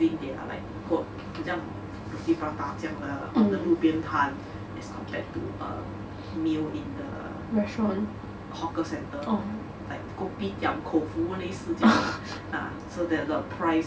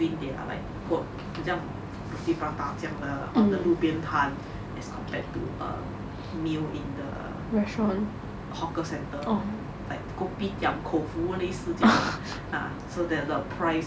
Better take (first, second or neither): second